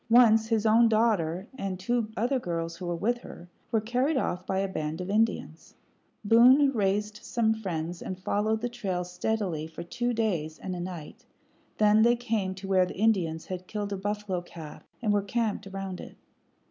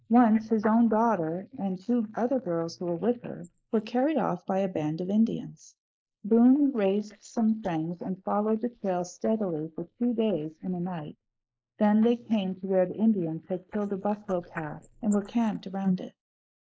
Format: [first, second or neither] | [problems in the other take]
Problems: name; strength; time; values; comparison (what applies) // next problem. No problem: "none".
first | noise reduction (neural mask model Resemble Enhance denoiser)